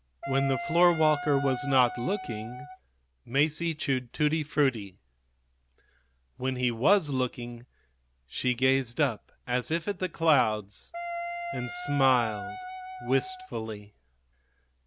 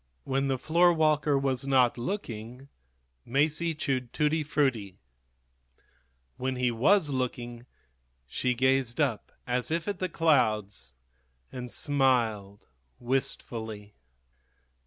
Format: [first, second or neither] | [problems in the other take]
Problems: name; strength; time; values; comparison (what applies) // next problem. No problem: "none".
second | background sound (Wind instrument, woodwind instrument); 7 dB below the speech